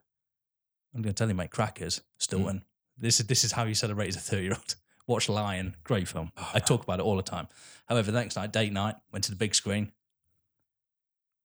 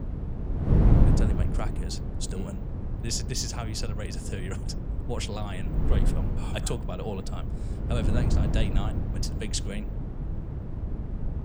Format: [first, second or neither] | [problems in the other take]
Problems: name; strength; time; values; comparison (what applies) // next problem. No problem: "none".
first | wind noise on the microphone; heavy; 3 dB below the speech